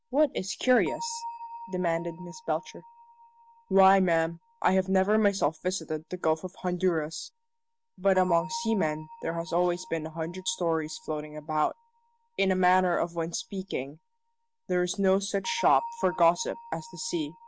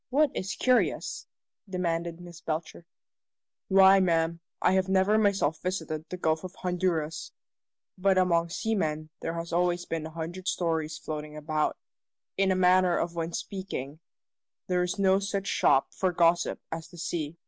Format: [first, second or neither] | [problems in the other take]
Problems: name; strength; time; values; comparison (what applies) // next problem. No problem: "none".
second | background sound (Bell); 18 dB below the speech